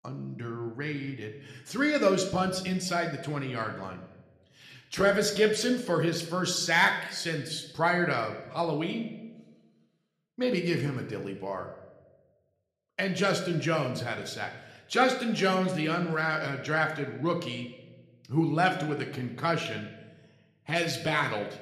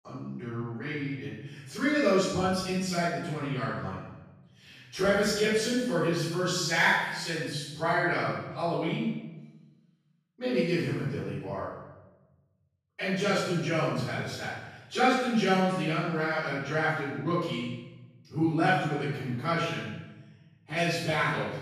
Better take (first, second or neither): first